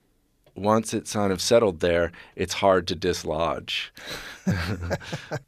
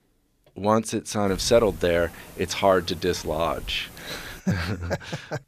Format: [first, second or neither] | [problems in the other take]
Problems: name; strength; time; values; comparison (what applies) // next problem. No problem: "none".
first | hiss; noticeable; from 1.5 to 4.5 s; 20 dB below the speech